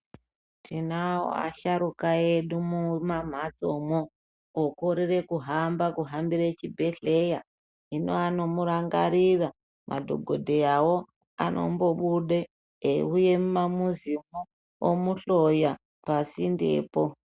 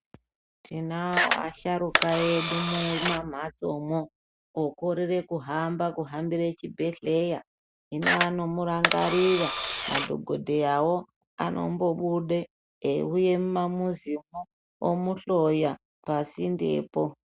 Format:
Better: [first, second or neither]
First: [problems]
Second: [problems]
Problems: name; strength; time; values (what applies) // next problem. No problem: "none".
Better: first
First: none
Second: background sound (Camera); 1 dB below the speech